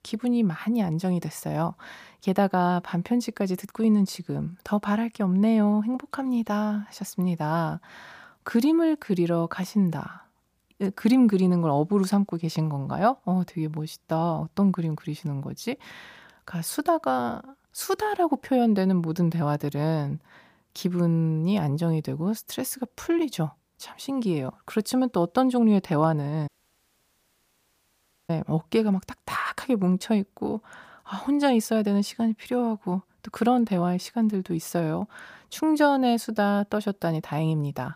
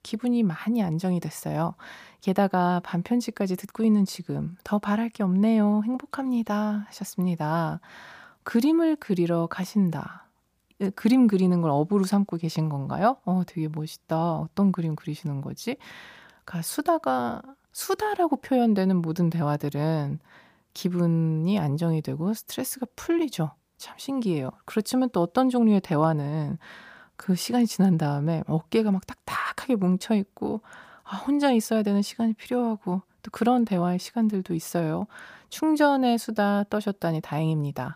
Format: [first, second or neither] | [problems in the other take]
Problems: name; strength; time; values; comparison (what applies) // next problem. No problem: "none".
second | audio cutting out; at 26 s for 2 s